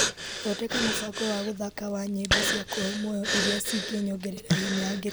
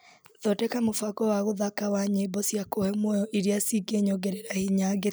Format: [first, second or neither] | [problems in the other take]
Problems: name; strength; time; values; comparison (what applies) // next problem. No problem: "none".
second | background sound (Breathing); as loud as the speech